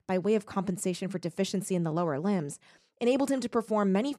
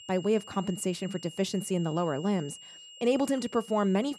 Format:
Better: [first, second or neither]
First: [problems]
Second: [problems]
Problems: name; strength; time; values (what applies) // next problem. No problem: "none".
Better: first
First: none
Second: high-pitched whine; noticeable; throughout; 3 kHz, 15 dB below the speech